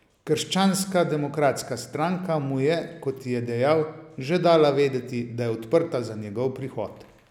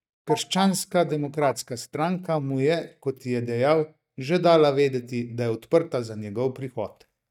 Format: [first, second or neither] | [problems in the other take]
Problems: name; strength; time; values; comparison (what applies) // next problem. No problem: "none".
first | noise reduction (neural mask model DeepFilterNet 3)